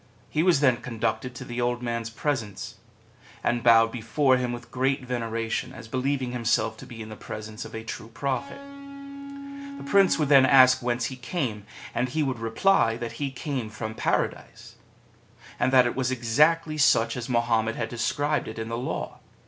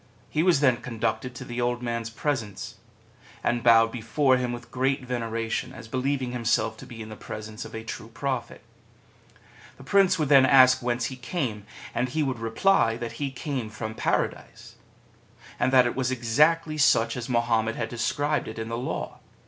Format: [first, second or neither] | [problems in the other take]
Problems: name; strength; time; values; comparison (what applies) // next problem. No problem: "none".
second | background sound (Electric guitar); 10 dB below the speech